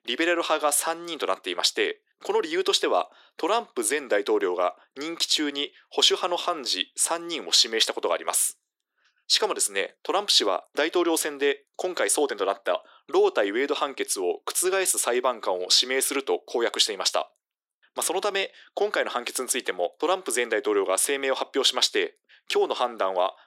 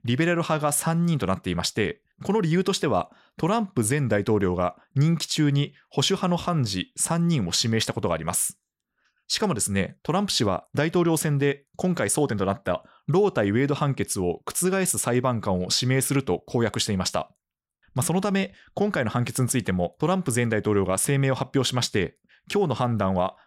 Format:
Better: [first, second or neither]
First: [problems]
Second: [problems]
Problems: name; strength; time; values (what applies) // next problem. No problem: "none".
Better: second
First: thin; very; fading below 350 Hz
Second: none